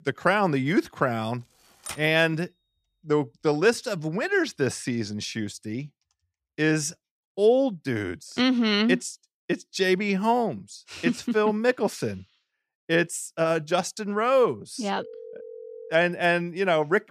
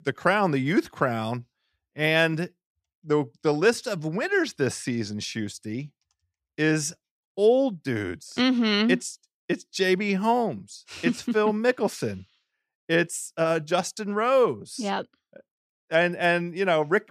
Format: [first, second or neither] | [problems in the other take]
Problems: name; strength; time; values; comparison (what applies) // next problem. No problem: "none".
second | keyboard typing; faint; at 2 s; peak 15 dB below the speech // phone ringing; faint; at 15 s; peak 15 dB below the speech